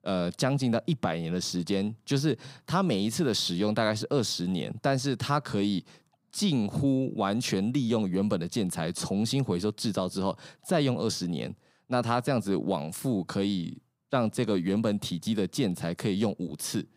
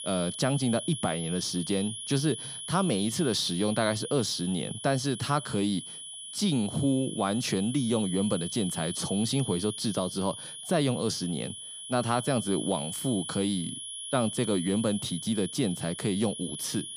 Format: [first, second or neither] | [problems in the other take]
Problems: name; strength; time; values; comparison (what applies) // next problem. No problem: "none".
first | high-pitched whine; loud; throughout; 10.5 kHz, 8 dB below the speech